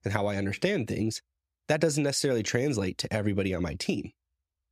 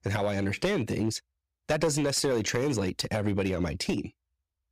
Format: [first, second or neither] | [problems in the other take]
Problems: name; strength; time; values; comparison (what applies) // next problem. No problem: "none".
first | distortion; slight; 5% of the sound clipped